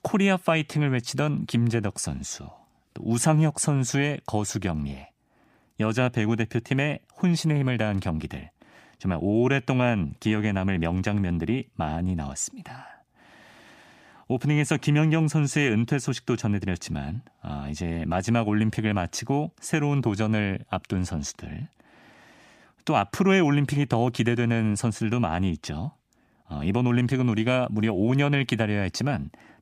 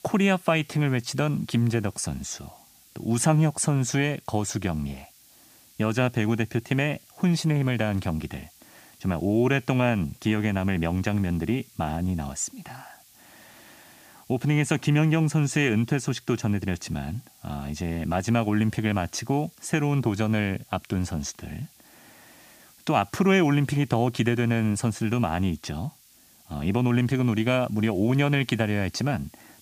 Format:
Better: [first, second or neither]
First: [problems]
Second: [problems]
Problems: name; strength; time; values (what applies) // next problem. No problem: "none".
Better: first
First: none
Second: hiss; faint; throughout; 25 dB below the speech